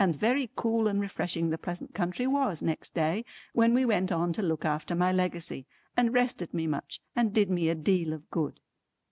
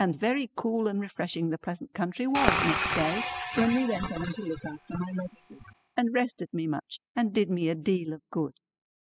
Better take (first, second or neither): first